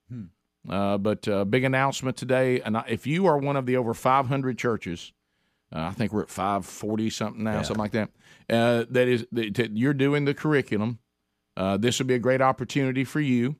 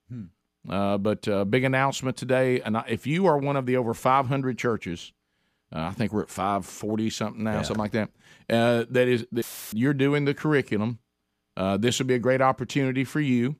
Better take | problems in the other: first | audio cutting out; filled with static; at 9.5 s

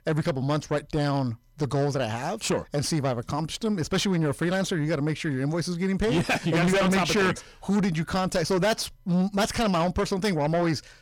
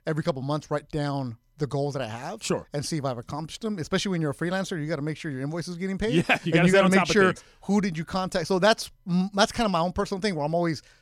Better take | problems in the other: second | distortion; heavy; 6 dB below the speech

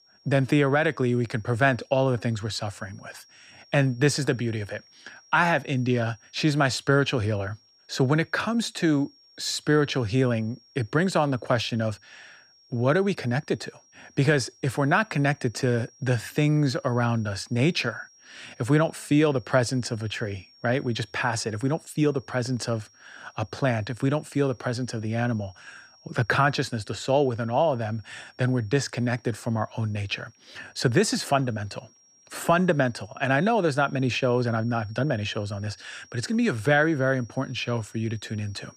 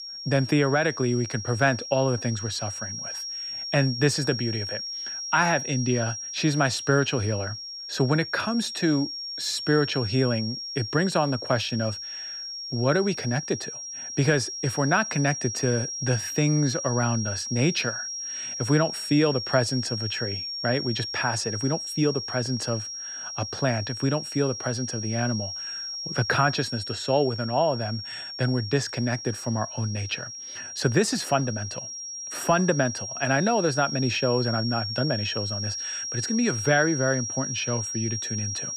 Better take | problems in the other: first | high-pitched whine; loud; throughout; 5.5 kHz, 6 dB below the speech; faint in the first

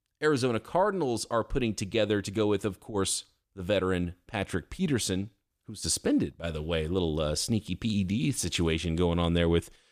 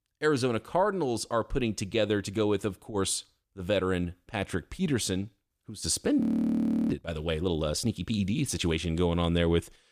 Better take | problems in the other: first | audio freezing; at 6 s for 0.5 s

